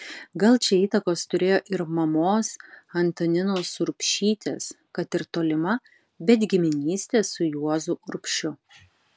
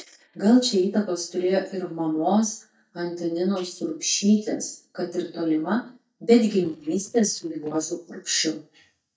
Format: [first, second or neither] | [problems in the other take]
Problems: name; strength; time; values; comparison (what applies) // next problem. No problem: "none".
first | noise reduction (neural mask model DeepFilterNet 3)